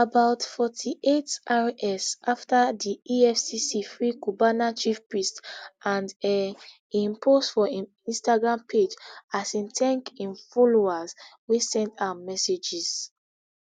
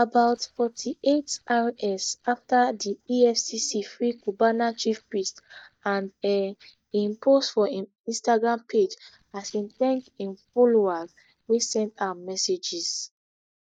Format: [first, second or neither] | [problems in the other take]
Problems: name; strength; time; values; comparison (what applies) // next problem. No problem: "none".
first | noise reduction (neural mask model DeepFilterNet 3)